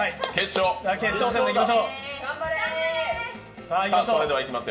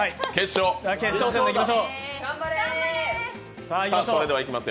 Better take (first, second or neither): second